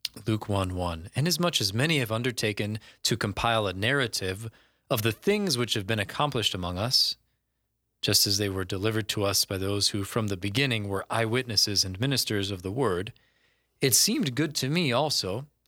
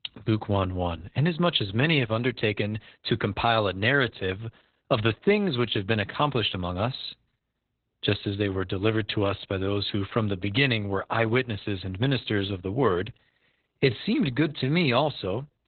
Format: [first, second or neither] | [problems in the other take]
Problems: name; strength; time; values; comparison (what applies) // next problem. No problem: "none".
first | garbled, watery; badly; nothing above 4 kHz